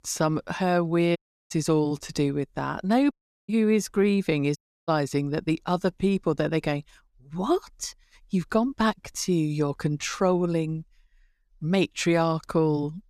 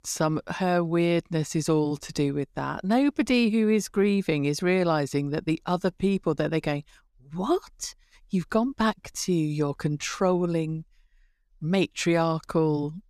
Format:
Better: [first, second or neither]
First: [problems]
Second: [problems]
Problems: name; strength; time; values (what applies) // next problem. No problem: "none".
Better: second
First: audio cutting out; at 1 s, at 3 s and at 4.5 s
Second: none